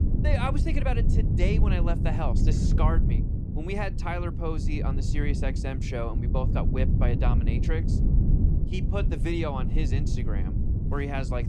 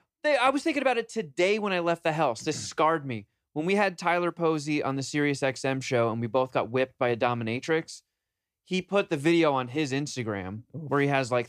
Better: second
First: low rumble; loud; throughout; 5 dB below the speech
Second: none

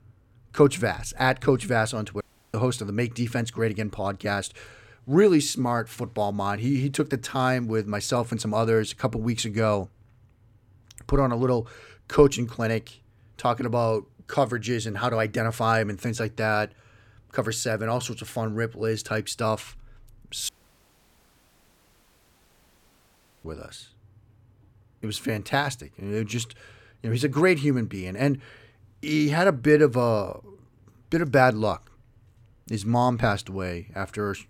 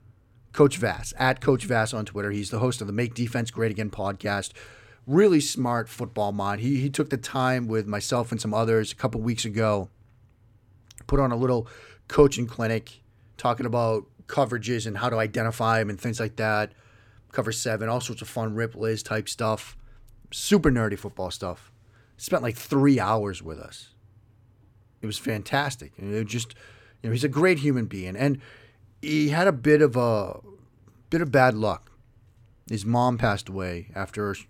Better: second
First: audio cutting out; at 2 s and at 20 s for 3 s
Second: none

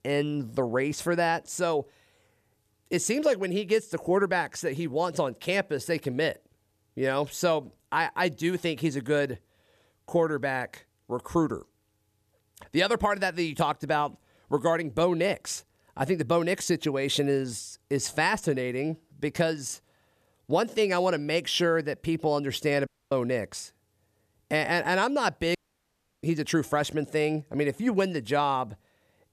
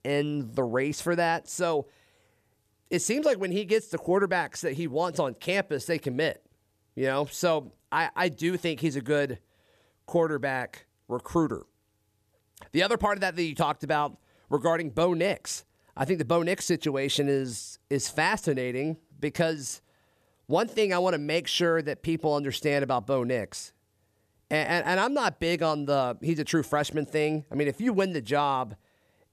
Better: second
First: audio cutting out; at 23 s and at 26 s for 0.5 s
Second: none

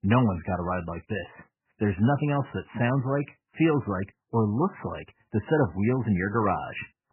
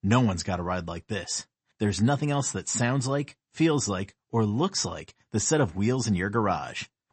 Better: second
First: garbled, watery; badly; nothing above 3 kHz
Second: garbled, watery; slightly; nothing above 8 kHz

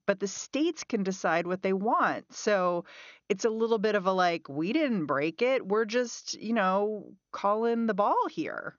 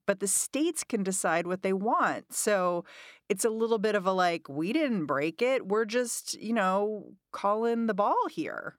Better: second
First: garbled, watery; slightly; nothing above 6.5 kHz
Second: none

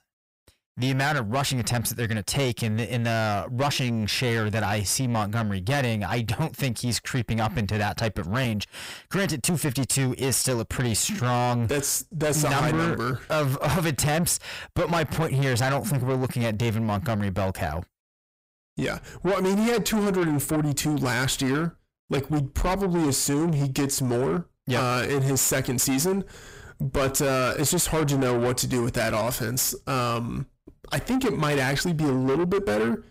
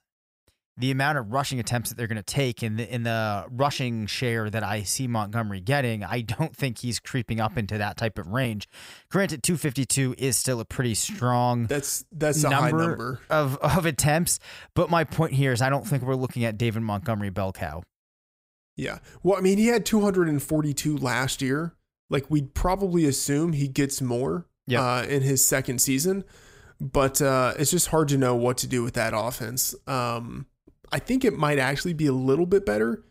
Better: second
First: distortion; heavy; 7 dB below the speech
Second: none

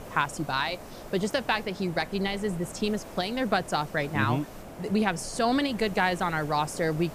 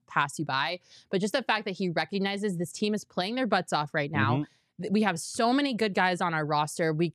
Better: second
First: hiss; noticeable; throughout; 15 dB below the speech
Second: none

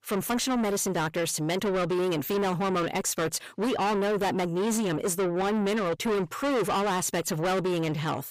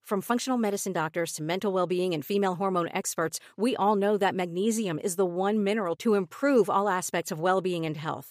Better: second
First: distortion; heavy; 6 dB below the speech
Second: none

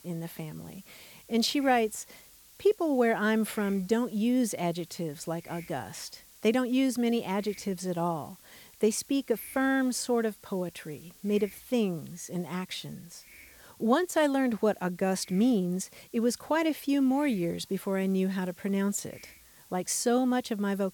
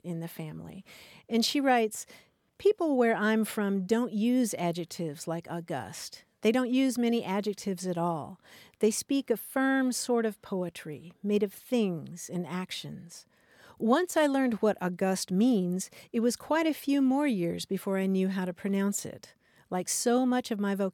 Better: second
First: hiss; faint; throughout; 25 dB below the speech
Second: none

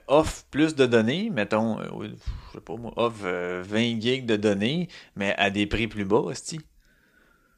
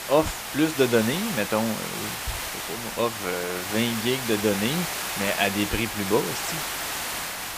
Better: first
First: none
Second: hiss; loud; throughout; 3 dB below the speech

